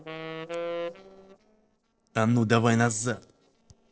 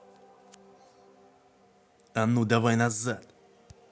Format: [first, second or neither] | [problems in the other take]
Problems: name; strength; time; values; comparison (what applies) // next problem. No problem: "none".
second | noise reduction (neural separator model SepFormer DNS4)